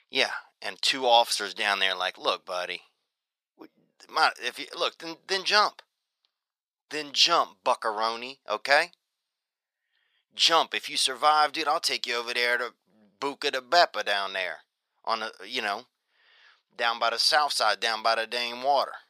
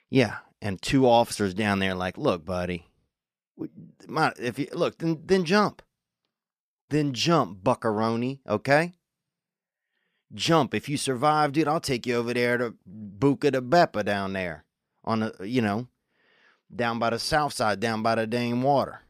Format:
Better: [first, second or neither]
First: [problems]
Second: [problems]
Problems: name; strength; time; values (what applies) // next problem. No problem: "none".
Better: second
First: thin; very; fading below 850 Hz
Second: none